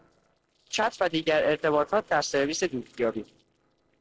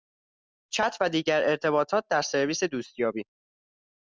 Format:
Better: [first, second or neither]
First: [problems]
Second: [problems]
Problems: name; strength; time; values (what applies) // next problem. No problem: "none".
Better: second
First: noise reduction (neural separator model SepFormer DNS4)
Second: none